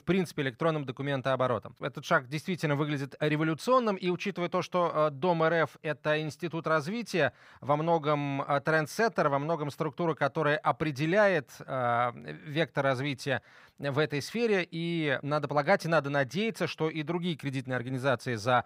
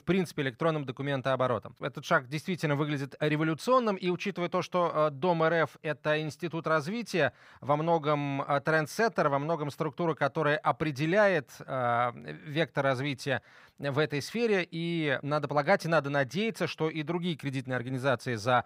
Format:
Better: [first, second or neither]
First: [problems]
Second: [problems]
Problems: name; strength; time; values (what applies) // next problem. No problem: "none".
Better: neither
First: none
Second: none